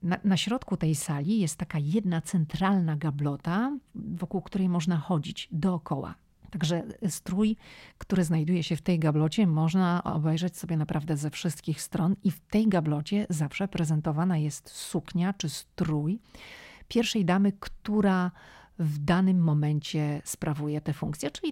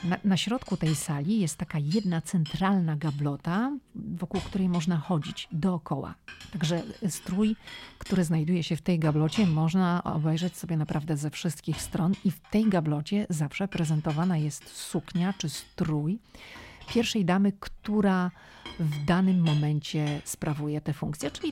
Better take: first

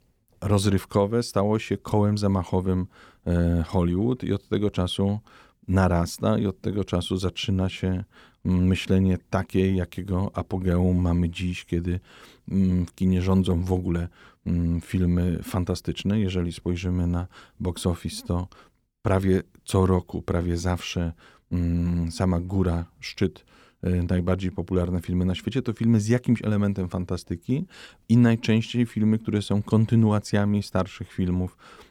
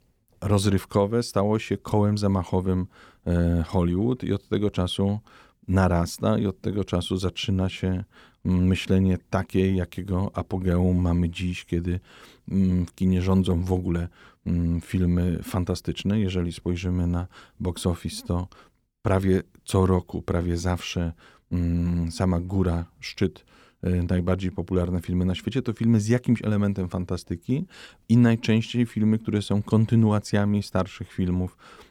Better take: neither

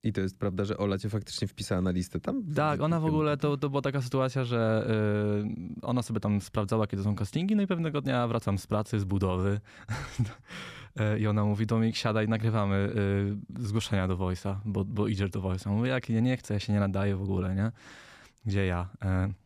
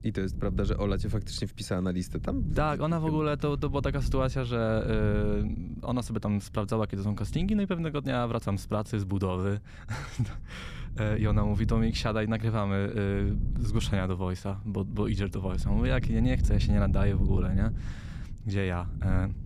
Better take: first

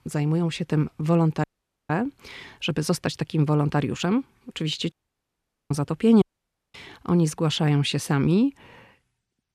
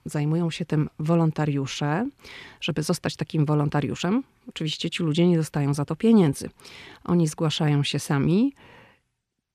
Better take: second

